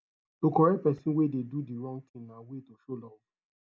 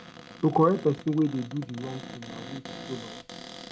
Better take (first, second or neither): first